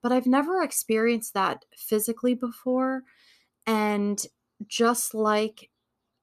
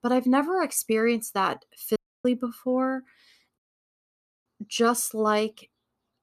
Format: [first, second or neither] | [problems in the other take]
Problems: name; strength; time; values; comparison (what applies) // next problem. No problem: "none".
first | audio cutting out; at 2 s and at 3.5 s for 1 s